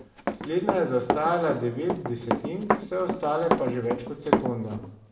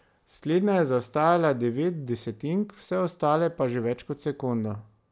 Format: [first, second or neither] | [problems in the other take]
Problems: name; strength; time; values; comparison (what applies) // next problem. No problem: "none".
second | background sound (Run); 1 dB below the speech // room echo; dies away in 0.7 s